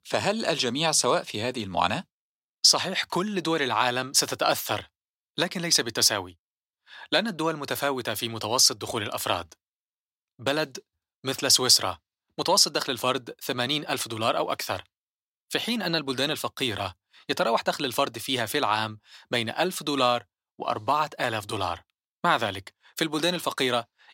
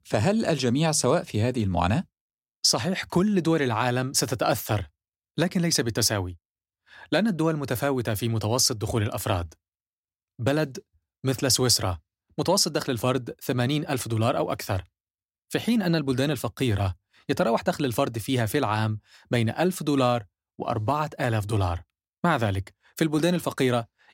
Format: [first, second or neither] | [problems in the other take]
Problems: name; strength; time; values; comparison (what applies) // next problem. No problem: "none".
second | thin; somewhat; fading below 1 kHz